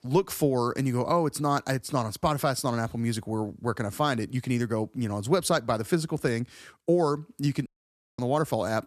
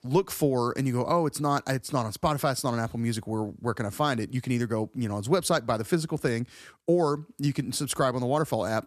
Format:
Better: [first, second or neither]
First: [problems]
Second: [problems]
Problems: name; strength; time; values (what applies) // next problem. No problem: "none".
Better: second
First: audio cutting out; at 7.5 s for 0.5 s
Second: none